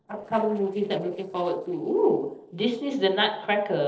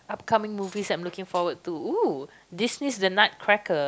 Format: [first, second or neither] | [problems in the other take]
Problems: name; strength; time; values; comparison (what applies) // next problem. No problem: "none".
second | noise reduction (neural separator model SepFormer DNS4)